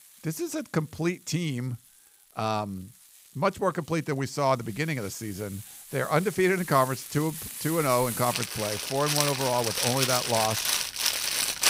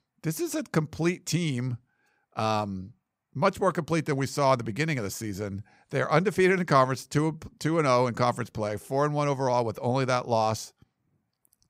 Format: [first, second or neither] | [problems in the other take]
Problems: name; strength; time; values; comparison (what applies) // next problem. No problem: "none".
second | household noises; loud; throughout; as loud as the speech